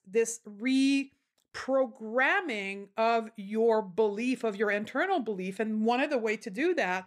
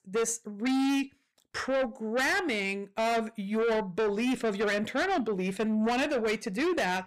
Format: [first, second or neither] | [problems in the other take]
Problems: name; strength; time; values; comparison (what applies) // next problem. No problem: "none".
first | distortion; heavy; 7 dB below the speech